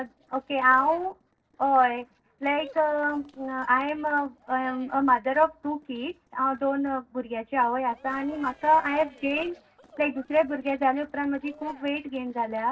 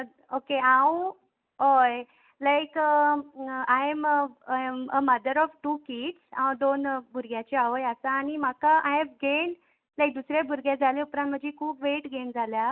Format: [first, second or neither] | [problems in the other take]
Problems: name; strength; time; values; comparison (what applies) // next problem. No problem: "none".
second | noise reduction (neural separator model SepFormer DNS4)